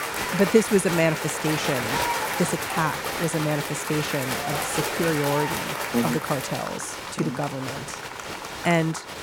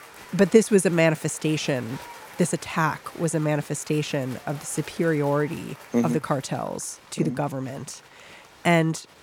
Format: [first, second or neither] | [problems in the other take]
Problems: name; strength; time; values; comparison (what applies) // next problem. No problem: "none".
second | crowd noise; loud; throughout; 2 dB below the speech; faint in the second